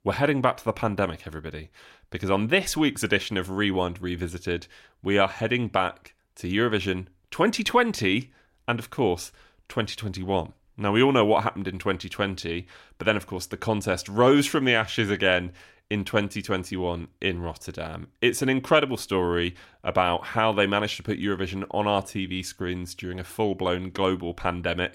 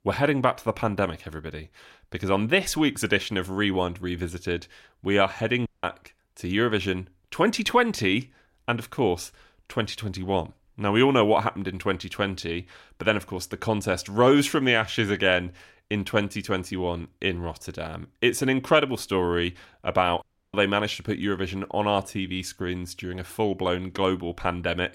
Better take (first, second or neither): first